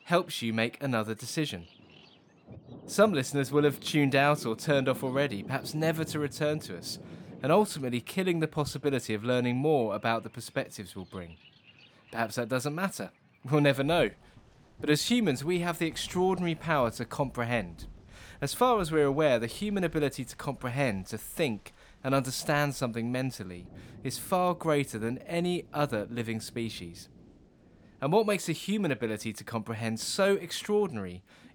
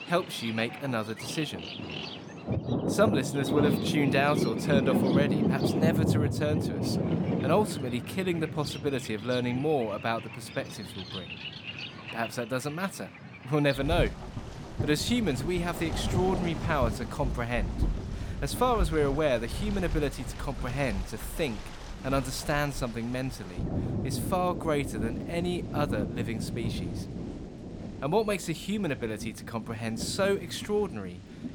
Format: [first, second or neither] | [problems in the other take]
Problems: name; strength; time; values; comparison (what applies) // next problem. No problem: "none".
first | rain or running water; loud; throughout; 3 dB below the speech; faint in the first